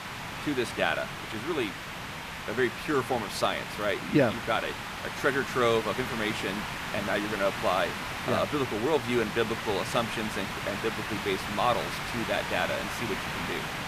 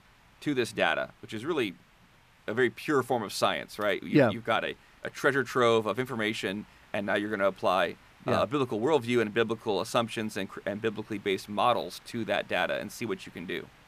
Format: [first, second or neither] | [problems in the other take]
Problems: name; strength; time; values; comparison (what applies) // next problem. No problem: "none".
second | hiss; loud; throughout; 4 dB below the speech; faint in the second